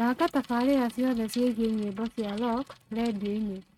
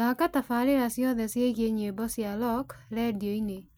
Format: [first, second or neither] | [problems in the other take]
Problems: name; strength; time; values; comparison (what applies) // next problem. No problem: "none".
second | noise reduction (neural mask model RNNoise)